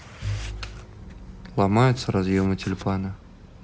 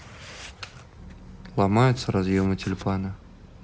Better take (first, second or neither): second